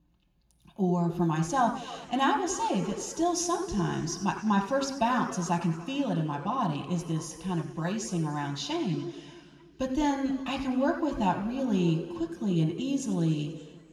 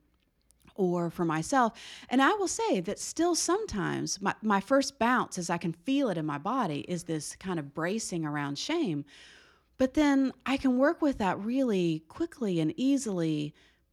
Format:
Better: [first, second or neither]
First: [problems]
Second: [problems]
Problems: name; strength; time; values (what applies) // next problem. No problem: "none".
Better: second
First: room echo; noticeable; dies away in 1.8 s // off-mic speech; somewhat distant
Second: none